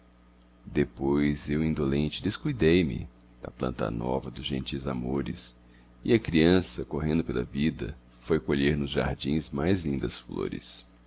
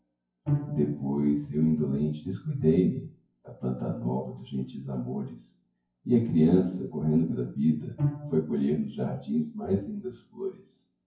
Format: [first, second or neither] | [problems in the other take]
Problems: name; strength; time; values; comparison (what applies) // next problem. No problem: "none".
first | noise reduction (classical method WPE with log-MMSE)